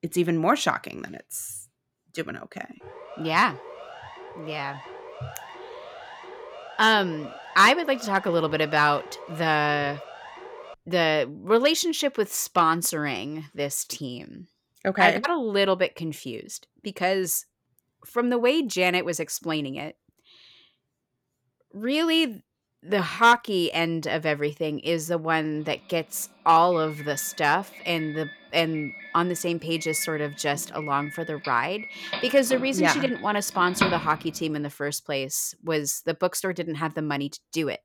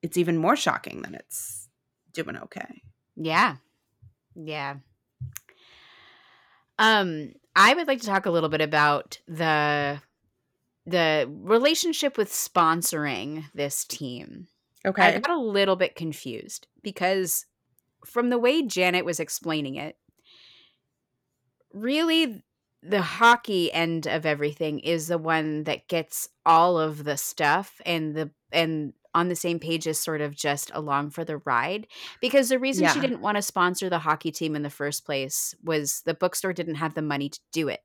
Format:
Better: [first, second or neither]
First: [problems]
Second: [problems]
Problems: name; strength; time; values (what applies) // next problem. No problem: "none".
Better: second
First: siren; faint; from 3 to 11 s; peak 15 dB below the speech // doorbell; noticeable; from 30 to 34 s; peak 1 dB below the speech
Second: none